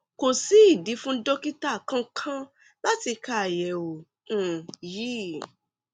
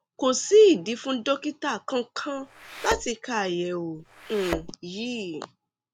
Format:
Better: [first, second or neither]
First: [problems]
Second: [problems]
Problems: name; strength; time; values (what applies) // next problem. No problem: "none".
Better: first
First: none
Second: background sound (Thump, thud); 10 dB below the speech